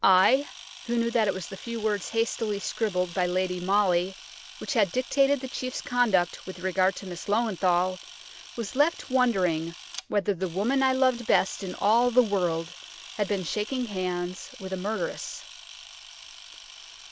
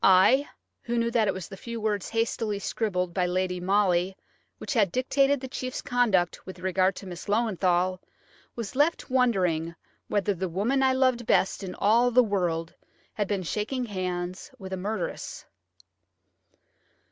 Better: second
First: background sound (Camera); 17 dB below the speech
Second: none

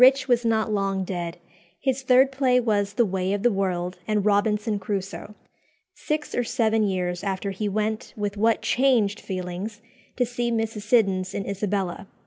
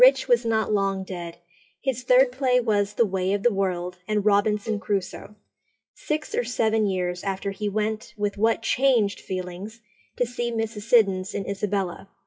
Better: first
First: none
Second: noise reduction (classical method WPE with log-MMSE)

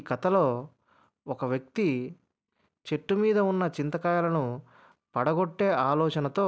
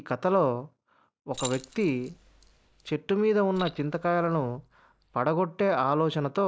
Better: first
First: none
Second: noise reduction (neural mask model DeepFilterNet 3)

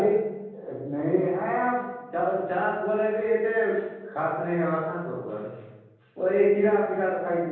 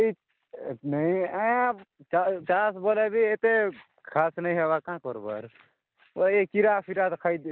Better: second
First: room echo; dies away in 1.3 s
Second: none

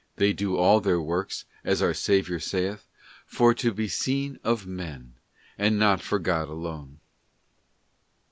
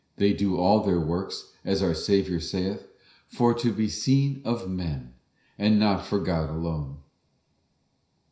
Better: first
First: none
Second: room echo; dies away in 0.5 s

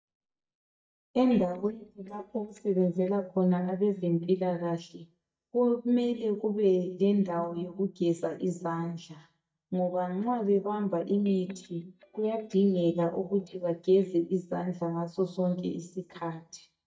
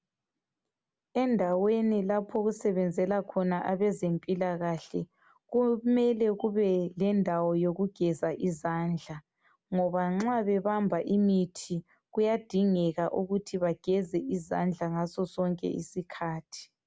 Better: second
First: noise reduction (neural mask model DeepFilterNet 3)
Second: none

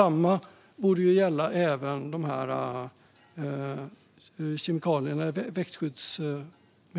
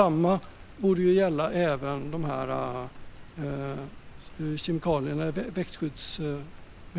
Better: first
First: none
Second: background sound (Rain); 15 dB below the speech

